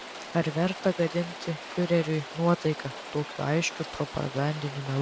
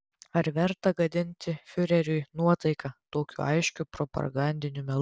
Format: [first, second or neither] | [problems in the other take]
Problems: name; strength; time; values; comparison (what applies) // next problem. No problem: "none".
second | background sound (Rain); 12 dB below the speech